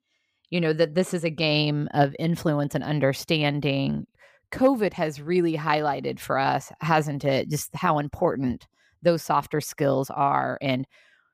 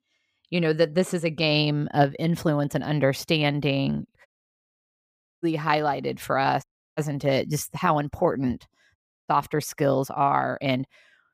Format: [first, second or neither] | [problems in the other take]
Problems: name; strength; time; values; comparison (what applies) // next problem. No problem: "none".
first | audio cutting out; at 4.5 s for 1 s, at 6.5 s and at 9 s